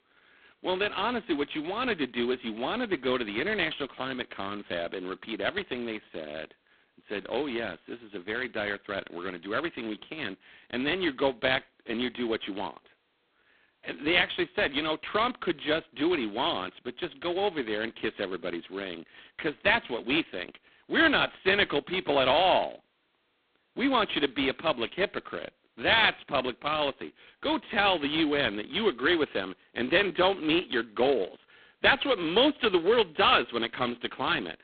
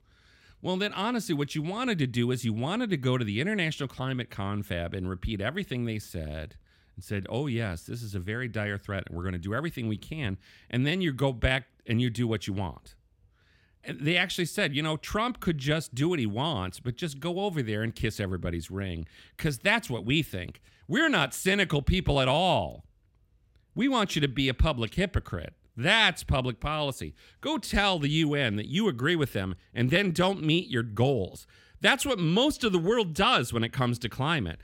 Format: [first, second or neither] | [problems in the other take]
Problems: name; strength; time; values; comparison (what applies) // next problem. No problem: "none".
second | phone-call audio; poor line